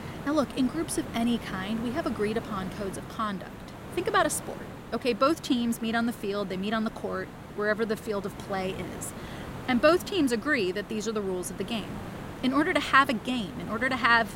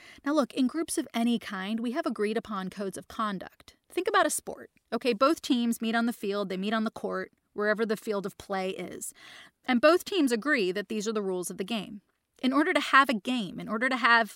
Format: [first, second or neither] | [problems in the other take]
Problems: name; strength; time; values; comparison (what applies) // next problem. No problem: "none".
second | hiss; noticeable; throughout; 15 dB below the speech